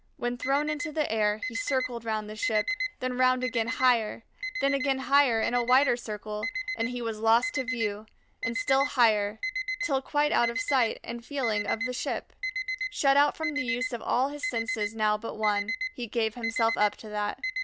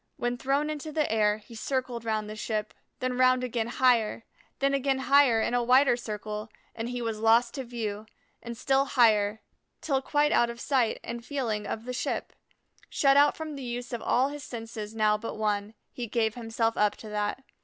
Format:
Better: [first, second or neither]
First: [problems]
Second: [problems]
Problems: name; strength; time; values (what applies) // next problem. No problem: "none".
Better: second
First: background sound (Alarm); 7 dB below the speech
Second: none